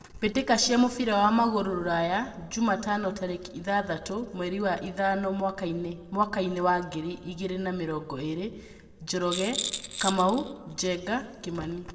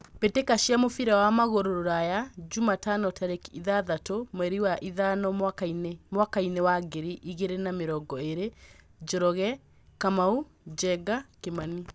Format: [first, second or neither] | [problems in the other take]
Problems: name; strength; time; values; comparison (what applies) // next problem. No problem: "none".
second | background sound (Rattle); 8 dB below the speech // room echo; dies away in 1.1 s